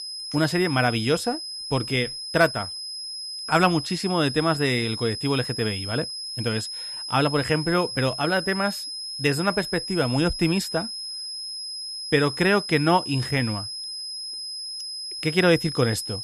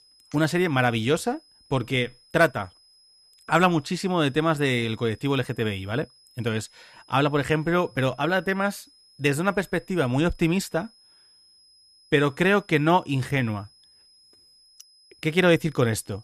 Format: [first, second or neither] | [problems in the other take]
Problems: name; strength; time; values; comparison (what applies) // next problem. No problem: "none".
second | high-pitched whine; loud; throughout; 5 kHz, 7 dB below the speech; faint in the second